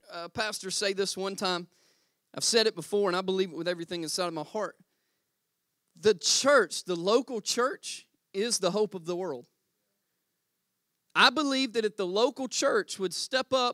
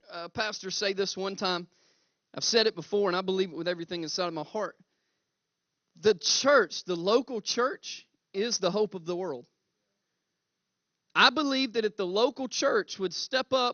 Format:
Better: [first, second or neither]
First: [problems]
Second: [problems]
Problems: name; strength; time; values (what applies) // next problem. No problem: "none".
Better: first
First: none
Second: garbled, watery; slightly; nothing above 6.5 kHz